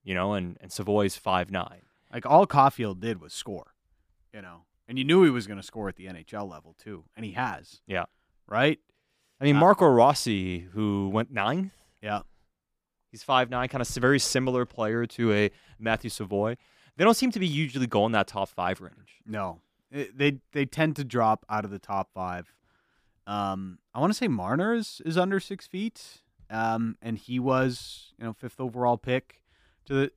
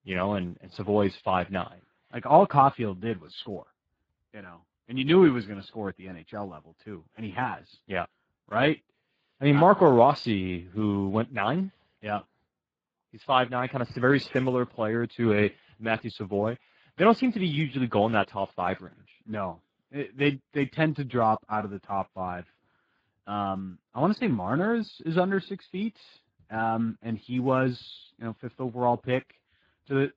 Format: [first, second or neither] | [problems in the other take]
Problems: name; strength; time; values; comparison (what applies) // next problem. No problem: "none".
first | garbled, watery; badly